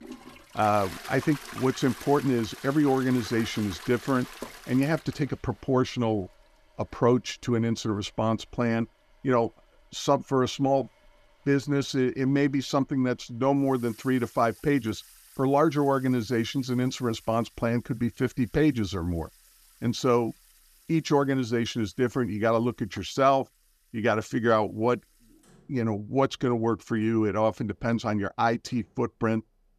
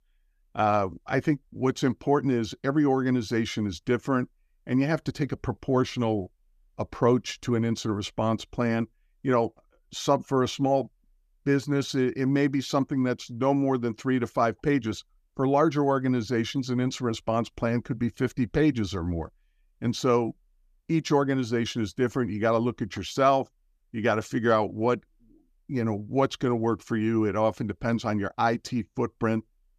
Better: second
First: household noises; noticeable; throughout; 20 dB below the speech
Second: none

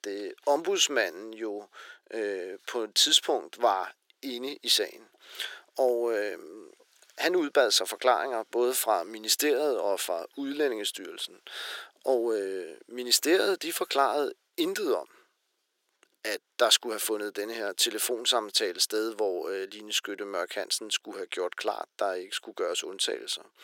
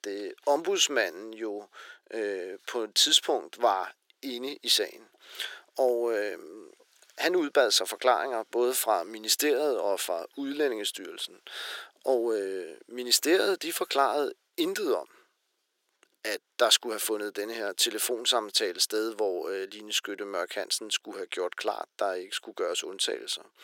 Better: neither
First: thin; very; fading below 350 Hz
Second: thin; very; fading below 350 Hz

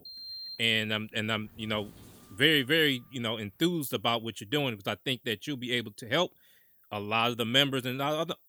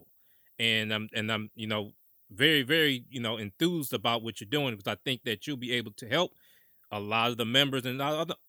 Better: second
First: door banging; noticeable; until 2.5 s; peak 10 dB below the speech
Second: none

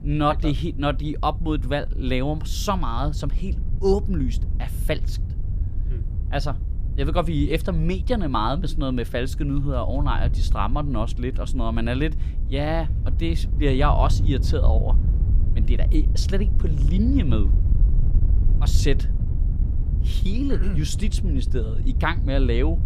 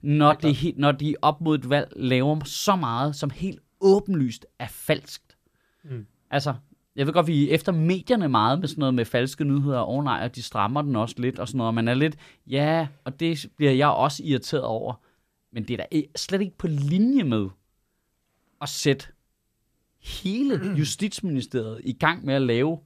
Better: second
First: wind noise on the microphone; occasional gusts; 15 dB below the speech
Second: none

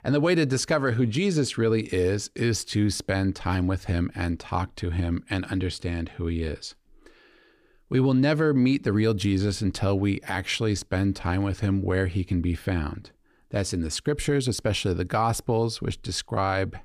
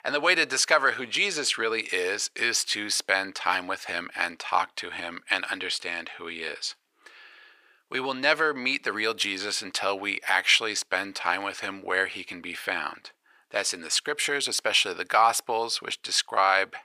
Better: first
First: none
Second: thin; very; fading below 900 Hz

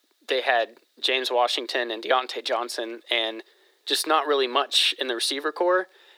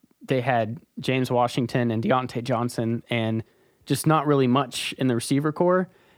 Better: second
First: thin; very; fading below 350 Hz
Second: none

